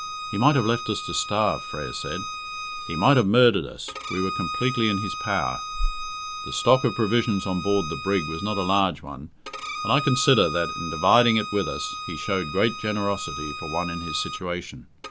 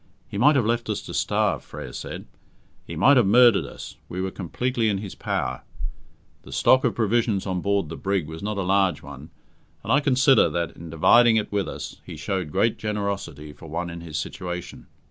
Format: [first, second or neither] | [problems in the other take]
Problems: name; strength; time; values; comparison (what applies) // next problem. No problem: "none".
second | background sound (Bowed string instrument); 8 dB below the speech